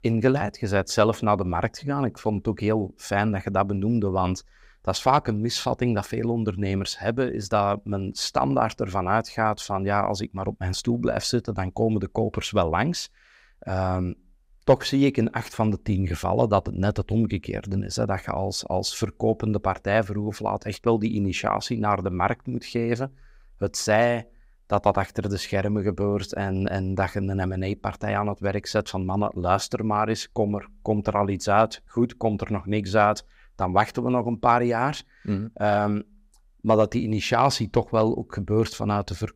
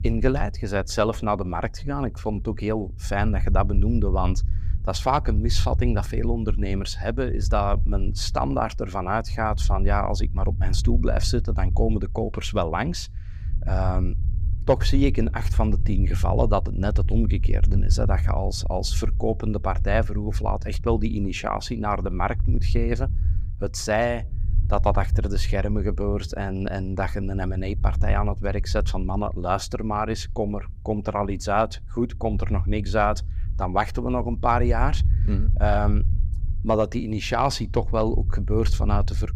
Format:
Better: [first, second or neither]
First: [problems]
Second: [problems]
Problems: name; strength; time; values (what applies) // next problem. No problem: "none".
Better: first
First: none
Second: low rumble; noticeable; throughout; 20 dB below the speech